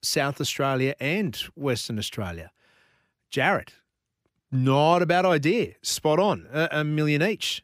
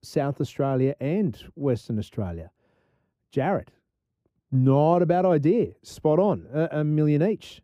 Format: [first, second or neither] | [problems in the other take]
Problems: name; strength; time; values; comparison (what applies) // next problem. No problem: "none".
first | muffled; very; fading above 1 kHz